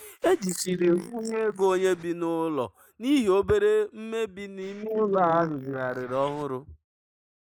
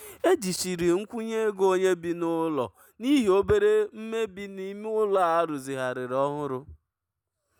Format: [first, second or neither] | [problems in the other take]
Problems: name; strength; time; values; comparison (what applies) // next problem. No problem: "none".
second | noise reduction (neural mask model Resemble Enhance denoiser)